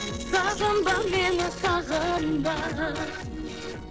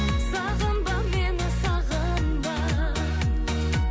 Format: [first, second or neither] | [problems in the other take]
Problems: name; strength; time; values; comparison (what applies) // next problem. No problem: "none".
second | noise reduction (neural separator model SepFormer DNS4)